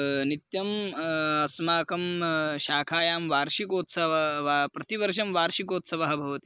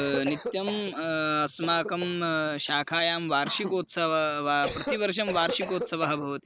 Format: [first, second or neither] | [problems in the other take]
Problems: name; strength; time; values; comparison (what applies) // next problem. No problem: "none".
first | background sound (Cough); 10 dB below the speech